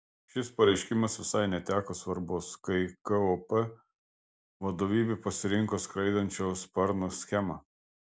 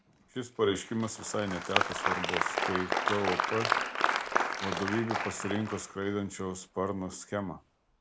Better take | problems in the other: first | background sound (Applause); 1 dB above the speech

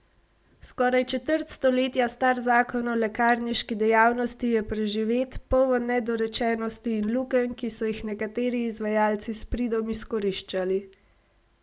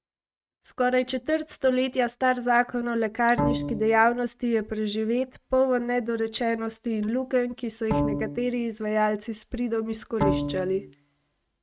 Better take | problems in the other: first | noise reduction (neural mask model RNNoise)

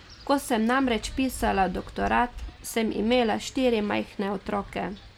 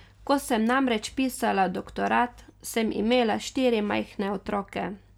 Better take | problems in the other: second | background sound (Wind); 16 dB below the speech

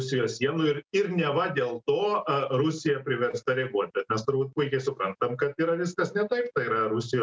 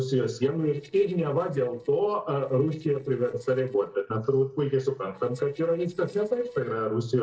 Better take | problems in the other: first | noise reduction (neural separator model SepFormer DNS4)

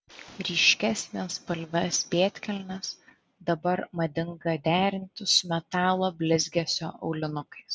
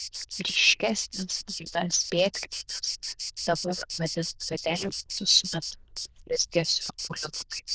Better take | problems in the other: first | noise reduction (neural diffusion model UNIVERSE++)

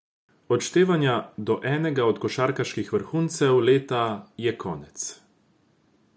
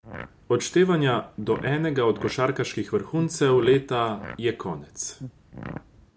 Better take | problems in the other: first | background sound (Fart); 16 dB below the speech

